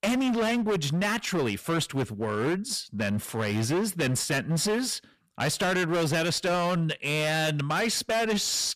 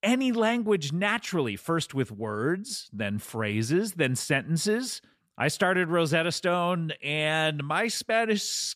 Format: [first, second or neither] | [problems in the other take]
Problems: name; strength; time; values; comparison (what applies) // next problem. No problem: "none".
second | distortion; heavy; 25% of the sound clipped